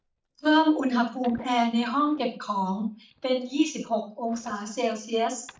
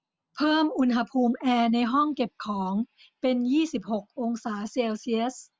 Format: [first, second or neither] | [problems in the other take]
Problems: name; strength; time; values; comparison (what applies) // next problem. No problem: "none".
second | noise reduction (neural mask model DeepFilterNet 3)